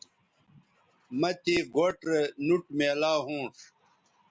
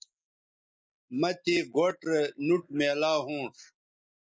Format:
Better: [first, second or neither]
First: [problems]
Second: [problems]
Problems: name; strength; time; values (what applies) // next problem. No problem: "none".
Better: first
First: none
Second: noise reduction (neural mask model Resemble Enhance denoiser)